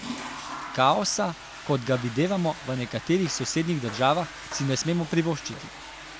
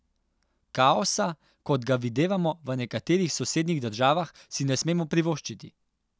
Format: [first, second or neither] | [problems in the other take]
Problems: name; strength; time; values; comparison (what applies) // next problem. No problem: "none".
second | background sound (Toilet flush / Water); 12 dB below the speech